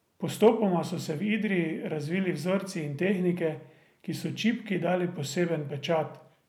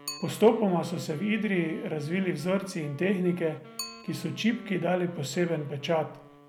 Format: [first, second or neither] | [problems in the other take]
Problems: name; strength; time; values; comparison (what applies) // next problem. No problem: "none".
first | background sound (Bicycle + Wind instrument, woodwind instrument); 17 dB below the speech